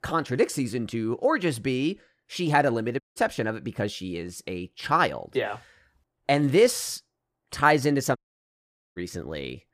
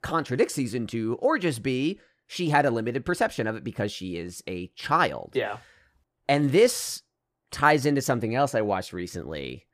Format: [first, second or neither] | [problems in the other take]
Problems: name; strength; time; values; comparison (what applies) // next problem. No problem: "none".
second | audio cutting out; at 3 s and at 8 s for 1 s